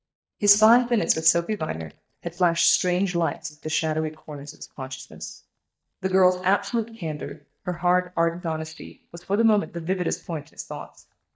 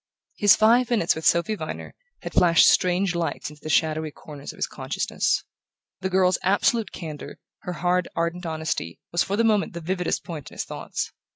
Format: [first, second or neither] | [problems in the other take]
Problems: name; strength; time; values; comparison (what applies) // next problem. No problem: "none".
second | noise reduction (neural mask model DeepFilterNet 3)